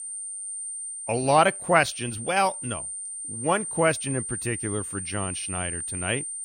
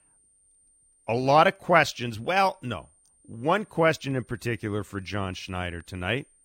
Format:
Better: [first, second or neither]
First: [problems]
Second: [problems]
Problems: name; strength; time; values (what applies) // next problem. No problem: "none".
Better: second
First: high-pitched whine; loud; throughout; 9 kHz, 5 dB below the speech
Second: high-pitched whine; faint; throughout; 9 kHz, 35 dB below the speech